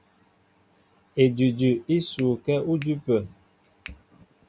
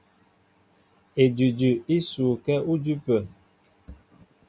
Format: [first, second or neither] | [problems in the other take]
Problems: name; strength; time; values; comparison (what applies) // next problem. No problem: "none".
second | background sound (Finger snapping); 20 dB below the speech